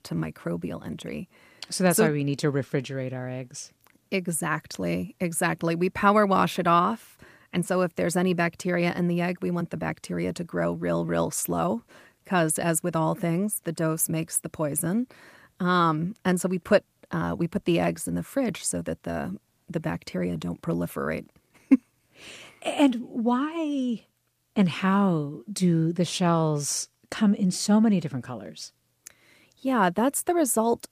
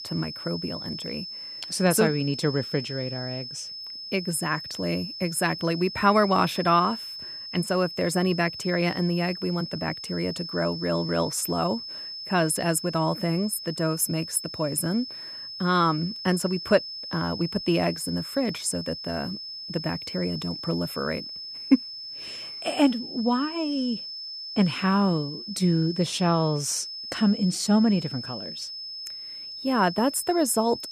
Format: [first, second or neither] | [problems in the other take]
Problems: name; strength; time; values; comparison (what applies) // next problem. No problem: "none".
first | high-pitched whine; loud; throughout; 5 kHz, 9 dB below the speech